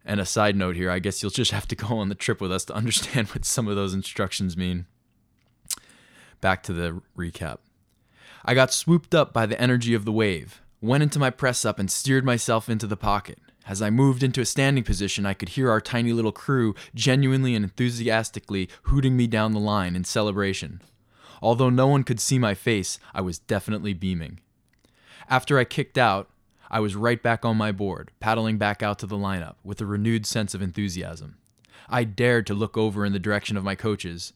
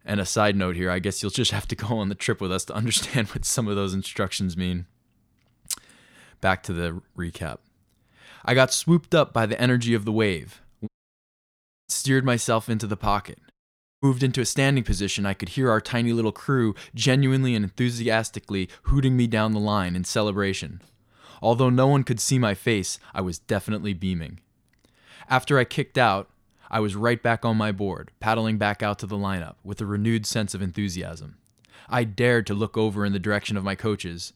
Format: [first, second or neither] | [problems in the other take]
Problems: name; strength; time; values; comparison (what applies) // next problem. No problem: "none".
first | audio cutting out; at 11 s for 1 s and at 14 s for 0.5 s